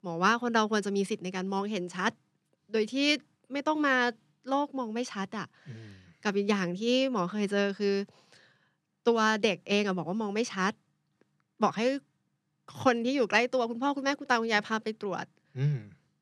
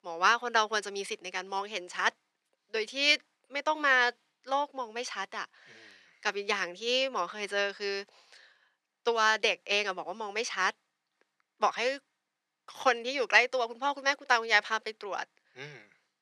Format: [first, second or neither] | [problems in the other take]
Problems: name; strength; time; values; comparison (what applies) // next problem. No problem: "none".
first | thin; very; fading below 650 Hz